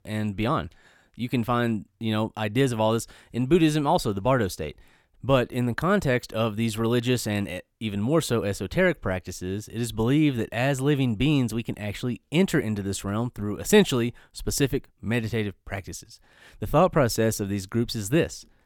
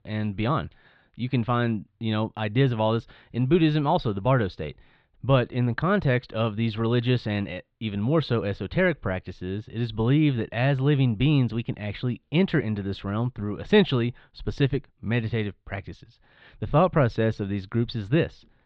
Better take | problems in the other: first | muffled; slightly; fading above 4 kHz

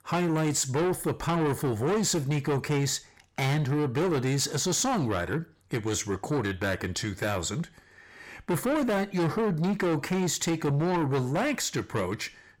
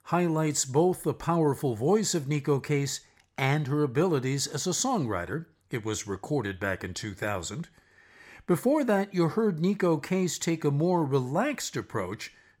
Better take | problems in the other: second | distortion; heavy; 7 dB below the speech

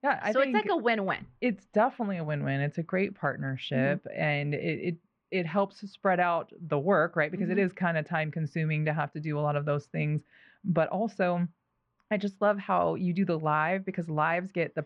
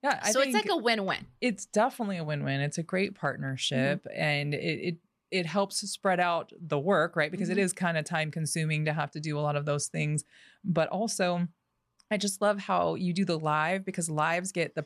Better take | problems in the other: second | muffled; very; fading above 2.5 kHz

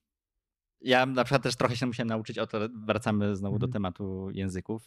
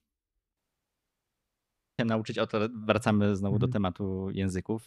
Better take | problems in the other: first | audio cutting out; at 0.5 s for 1.5 s

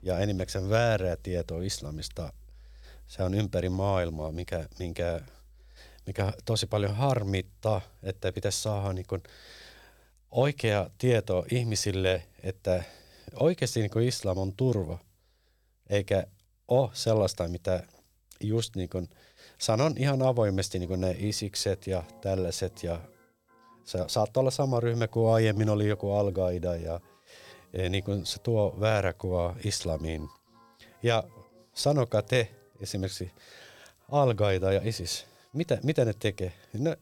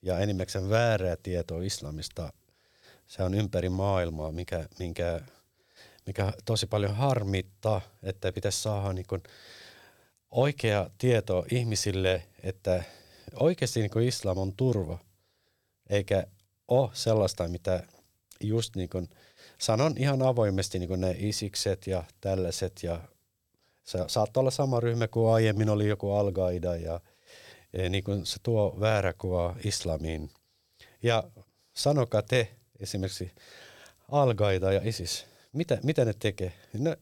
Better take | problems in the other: second | background music; faint; throughout; 30 dB below the speech

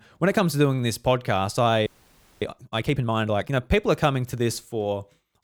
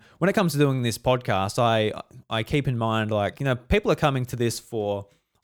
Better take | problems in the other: second | audio freezing; at 2 s for 0.5 s

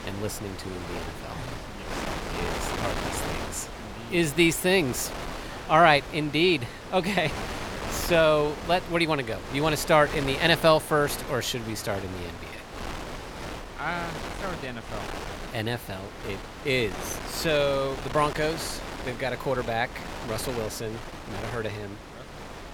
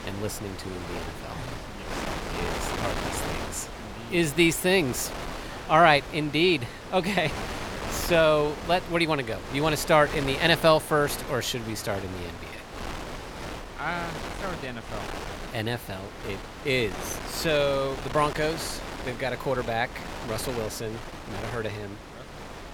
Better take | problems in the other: neither | wind noise on the microphone; occasional gusts; 10 dB below the speech; the same in both

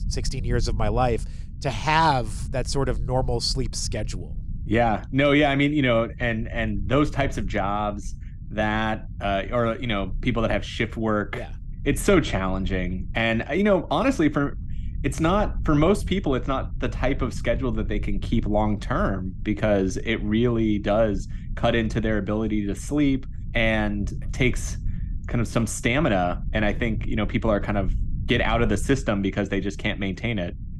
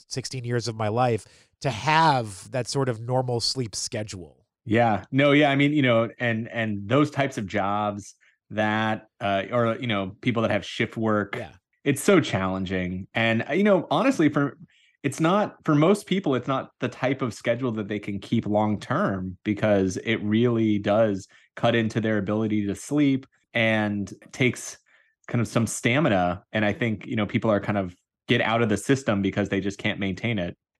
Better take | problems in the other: second | low rumble; faint; throughout; 25 dB below the speech

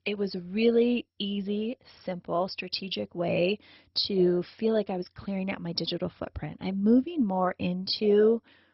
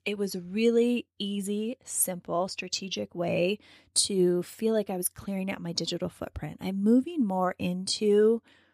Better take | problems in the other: second | garbled, watery; badly; nothing above 5.5 kHz

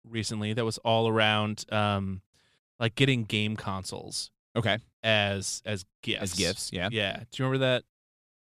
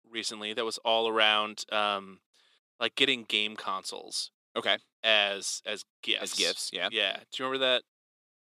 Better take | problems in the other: first | thin; somewhat; fading below 300 Hz

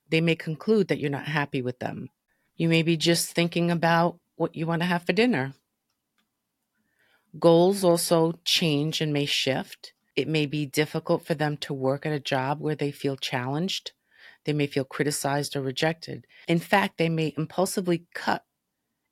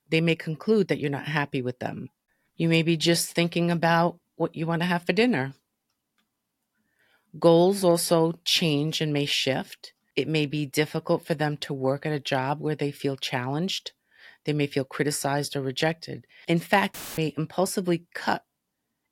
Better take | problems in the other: first | audio cutting out; filled with static; at 17 s

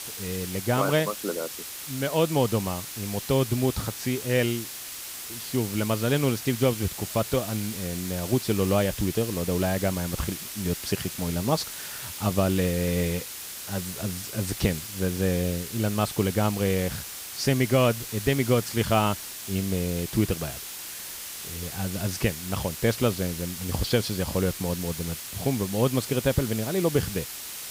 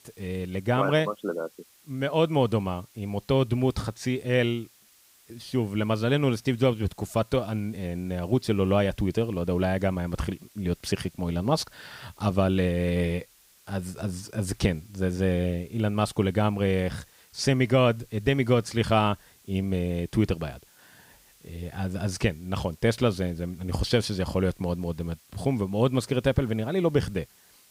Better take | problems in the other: second | hiss; loud; throughout; 7 dB below the speech; faint in the second

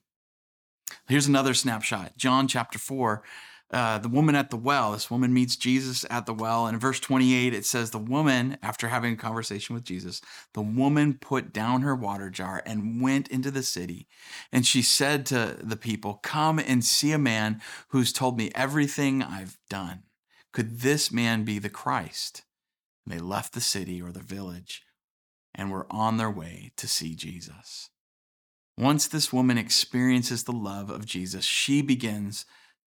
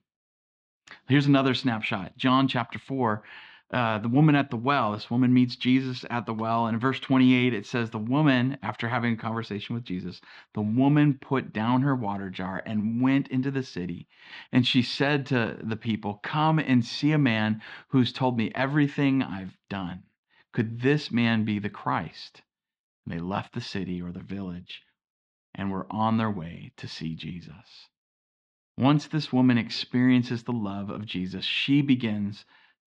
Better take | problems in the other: first | muffled; slightly; fading above 3.5 kHz

